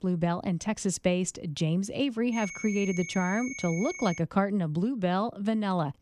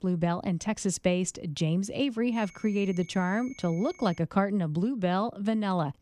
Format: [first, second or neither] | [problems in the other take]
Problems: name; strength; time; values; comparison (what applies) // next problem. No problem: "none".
second | high-pitched whine; loud; from 2.5 to 4 s; 2 kHz, 10 dB below the speech; faint in the second